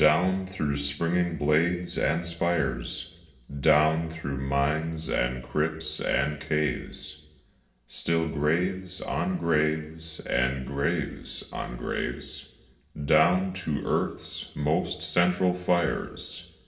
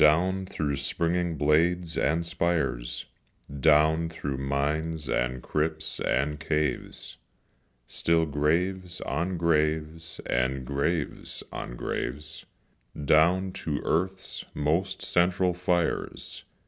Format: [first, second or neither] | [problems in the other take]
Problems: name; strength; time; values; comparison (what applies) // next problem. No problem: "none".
second | room echo; dies away in 1.1 s